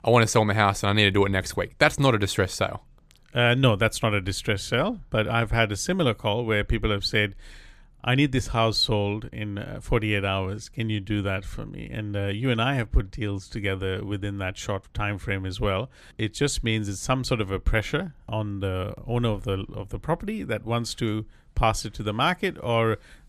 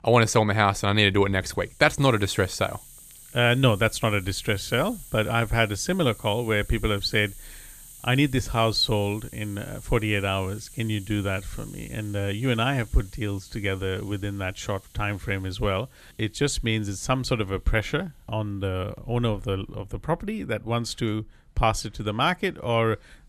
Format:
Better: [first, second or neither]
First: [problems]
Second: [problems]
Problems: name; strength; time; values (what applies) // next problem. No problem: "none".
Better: first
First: none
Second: hiss; faint; throughout; 20 dB below the speech